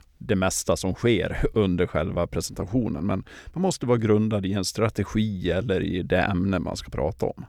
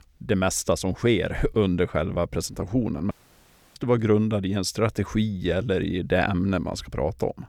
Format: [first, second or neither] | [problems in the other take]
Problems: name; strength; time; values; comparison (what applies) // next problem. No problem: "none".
first | audio cutting out; at 3 s for 0.5 s